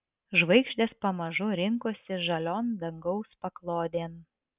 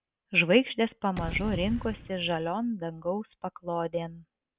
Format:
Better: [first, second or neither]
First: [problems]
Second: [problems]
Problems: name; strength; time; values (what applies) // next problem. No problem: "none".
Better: first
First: none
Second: background sound (Gunshot, gunfire / Boom); 11 dB below the speech